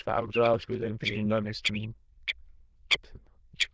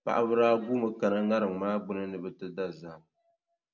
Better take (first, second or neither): second